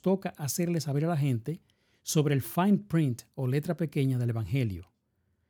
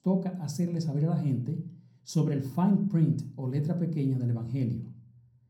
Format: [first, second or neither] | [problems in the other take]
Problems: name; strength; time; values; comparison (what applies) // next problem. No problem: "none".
first | room echo; slight; dies away in 0.6 s // off-mic speech; somewhat distant